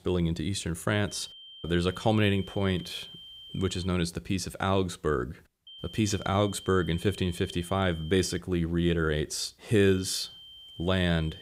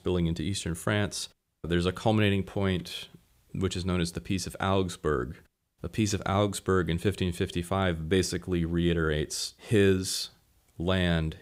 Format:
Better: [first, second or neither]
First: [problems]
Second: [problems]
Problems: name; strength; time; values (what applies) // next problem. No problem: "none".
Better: second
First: high-pitched whine; noticeable; from 1 to 4 s, from 5.5 to 8.5 s and from 10 s on; 3 kHz, 15 dB below the speech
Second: none